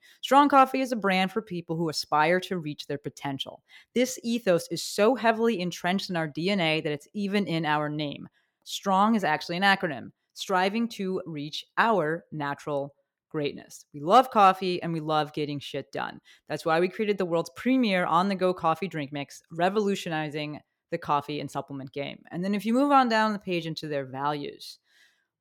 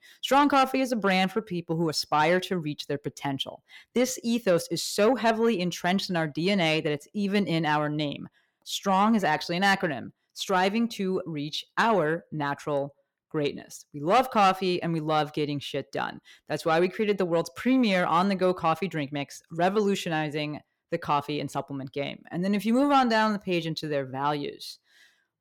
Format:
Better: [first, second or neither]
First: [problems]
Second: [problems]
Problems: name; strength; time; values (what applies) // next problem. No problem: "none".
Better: first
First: none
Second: distortion; slight; 10 dB below the speech